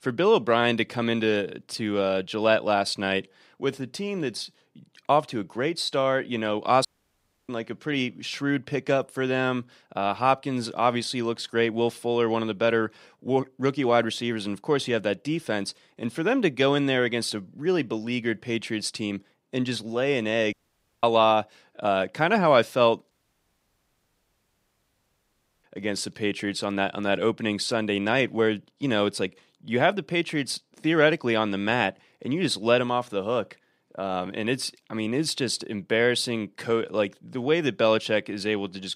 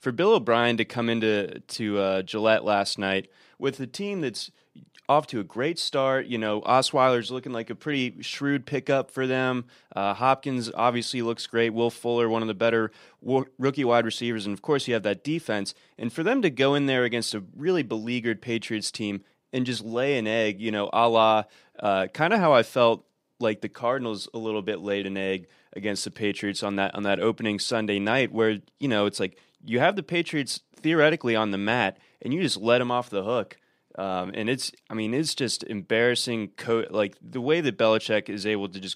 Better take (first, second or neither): second